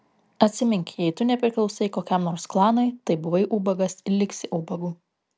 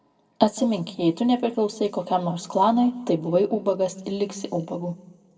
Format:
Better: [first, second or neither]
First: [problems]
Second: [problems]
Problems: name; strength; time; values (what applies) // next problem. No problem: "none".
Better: first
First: none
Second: room echo; dies away in 1.1 s